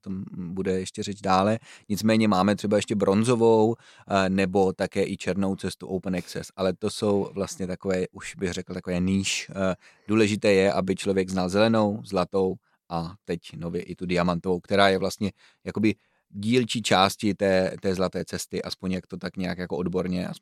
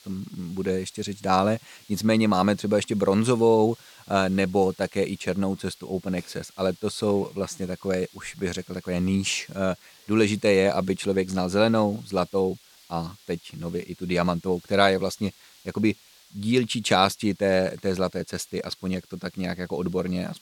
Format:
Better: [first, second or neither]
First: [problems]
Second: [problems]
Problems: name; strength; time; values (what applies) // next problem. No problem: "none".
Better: first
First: none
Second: hiss; faint; throughout; 25 dB below the speech